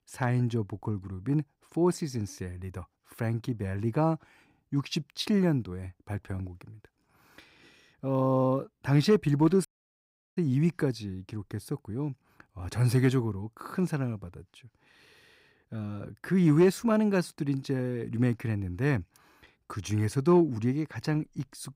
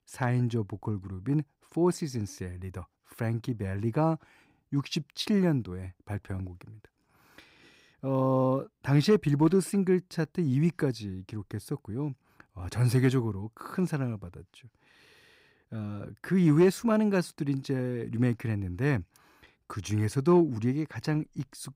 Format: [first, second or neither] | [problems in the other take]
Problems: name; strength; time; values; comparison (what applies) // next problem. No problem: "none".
second | audio cutting out; at 9.5 s for 0.5 s